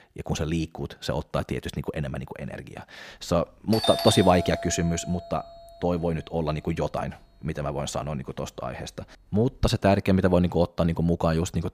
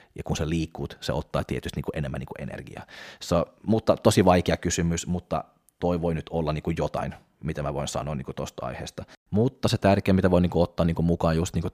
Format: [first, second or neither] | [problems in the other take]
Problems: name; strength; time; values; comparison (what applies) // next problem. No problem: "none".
second | doorbell; loud; from 3.5 to 9.5 s; peak 1 dB above the speech